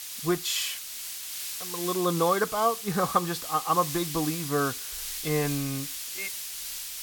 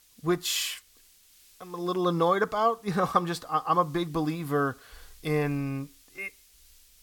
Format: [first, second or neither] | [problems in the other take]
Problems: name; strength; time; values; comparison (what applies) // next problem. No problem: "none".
second | hiss; loud; throughout; 5 dB below the speech; faint in the second